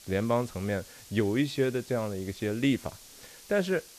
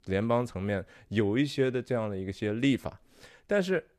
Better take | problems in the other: second | hiss; noticeable; throughout; 20 dB below the speech

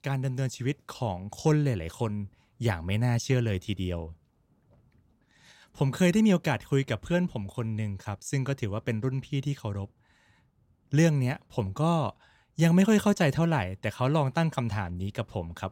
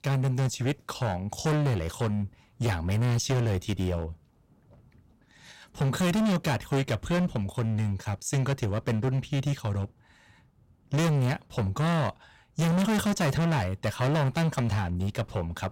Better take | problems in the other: first | distortion; heavy; 19% of the sound clipped

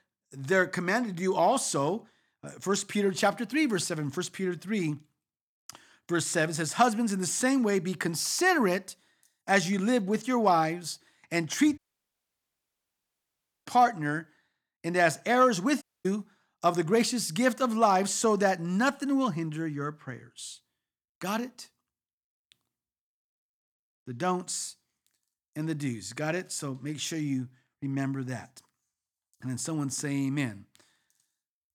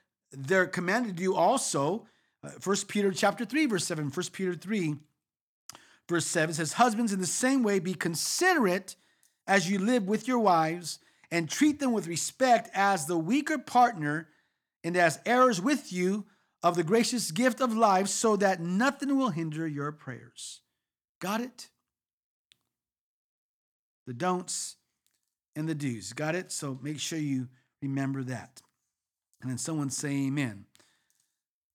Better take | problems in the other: second | audio cutting out; at 12 s for 2 s and at 16 s

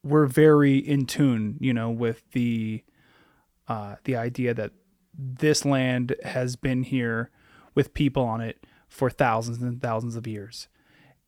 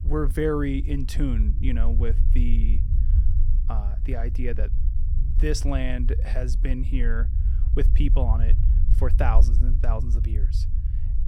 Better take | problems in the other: first | low rumble; noticeable; throughout; 10 dB below the speech

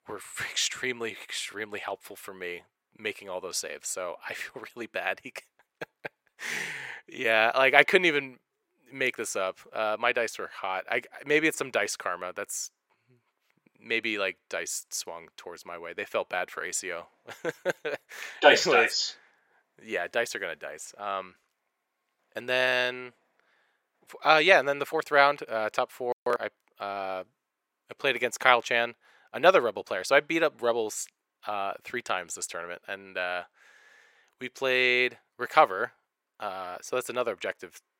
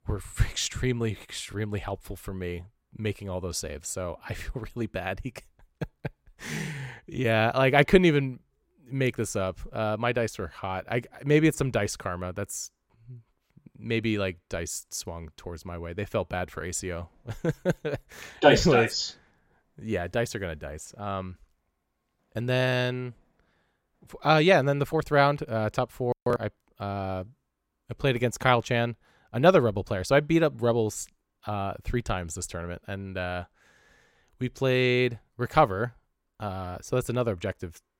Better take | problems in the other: second | thin; very; fading below 500 Hz

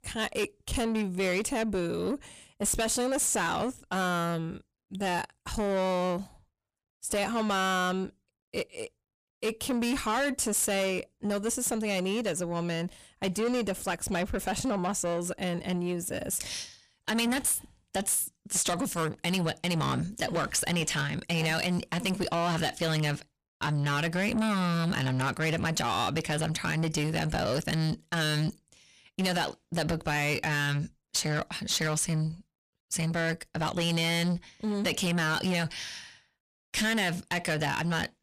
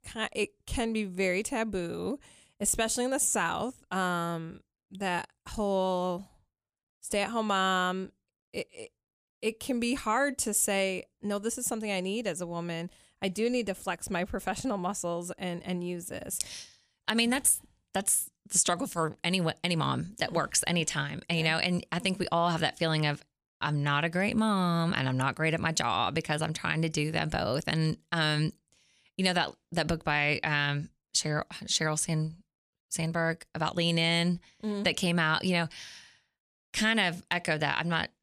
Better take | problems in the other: second | distortion; heavy; 7 dB below the speech

